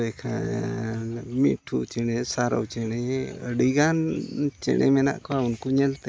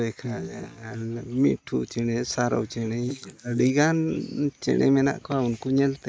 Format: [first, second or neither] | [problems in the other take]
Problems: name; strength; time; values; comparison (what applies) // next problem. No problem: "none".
first | noise reduction (neural mask model Resemble Enhance denoiser)